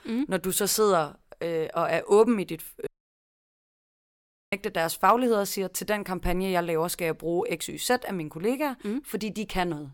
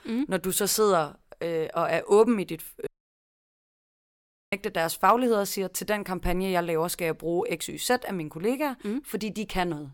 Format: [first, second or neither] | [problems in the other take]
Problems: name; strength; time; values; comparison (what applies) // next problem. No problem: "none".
neither | audio cutting out; at 3 s for 1.5 s; the same in both